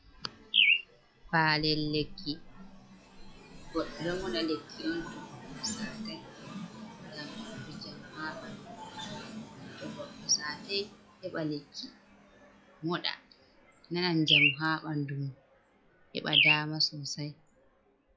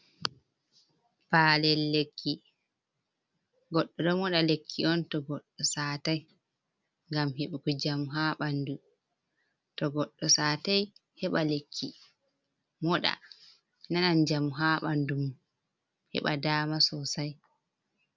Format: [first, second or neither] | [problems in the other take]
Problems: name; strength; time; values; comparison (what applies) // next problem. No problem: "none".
second | noise reduction (classical method log-MMSE)